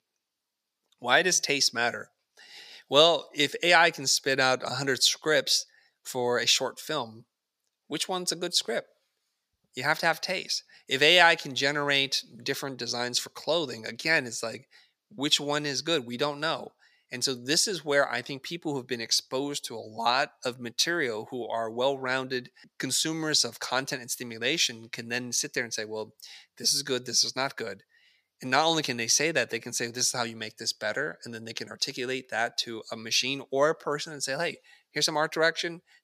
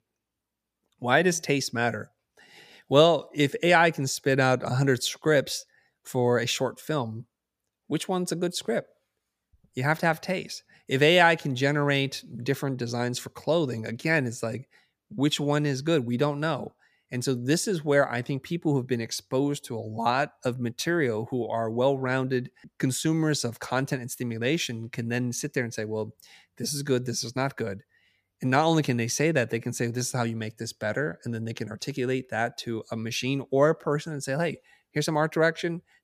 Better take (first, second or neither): second